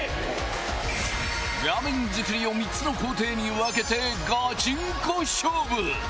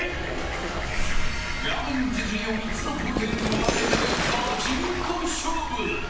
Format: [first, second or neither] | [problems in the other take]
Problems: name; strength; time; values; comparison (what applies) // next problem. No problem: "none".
first | background sound (Fowl); as loud as the speech // room echo; dies away in 0.9 s